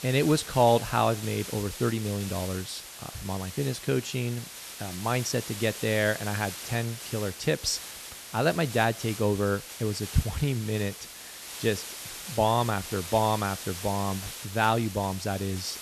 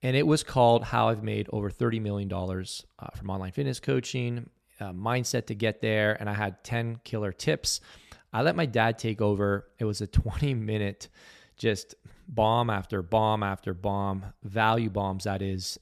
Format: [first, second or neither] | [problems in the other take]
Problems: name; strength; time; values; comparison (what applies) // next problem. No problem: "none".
second | hiss; loud; throughout; 10 dB below the speech